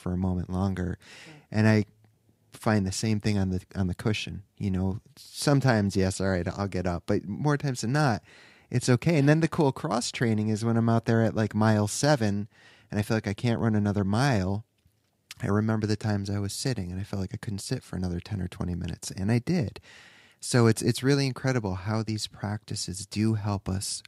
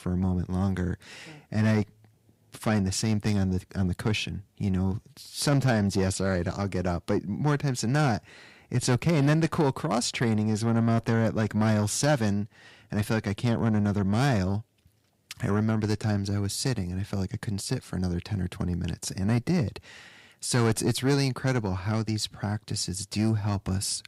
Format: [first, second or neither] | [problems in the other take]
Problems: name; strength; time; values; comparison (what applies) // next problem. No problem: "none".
first | distortion; slight; 10 dB below the speech